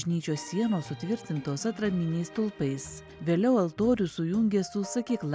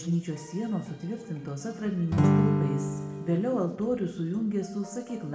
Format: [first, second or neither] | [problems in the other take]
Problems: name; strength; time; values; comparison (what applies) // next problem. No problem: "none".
first | background sound (Acoustic guitar / Strum); 4 dB above the speech // room echo; dies away in 0.8 s